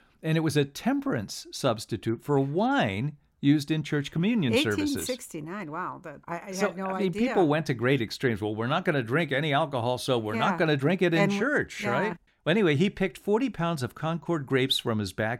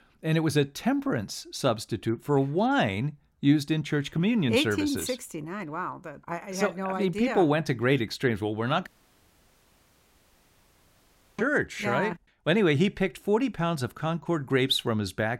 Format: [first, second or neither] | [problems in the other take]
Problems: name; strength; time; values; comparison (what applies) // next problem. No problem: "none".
first | audio cutting out; at 9 s for 2.5 s